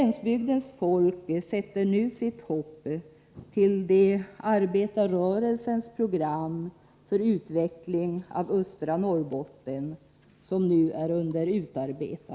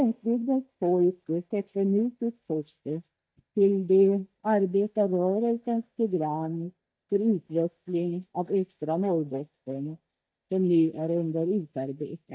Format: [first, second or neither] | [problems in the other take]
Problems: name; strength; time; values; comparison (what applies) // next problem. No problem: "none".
first | noise reduction (neural mask model DeepFilterNet 3)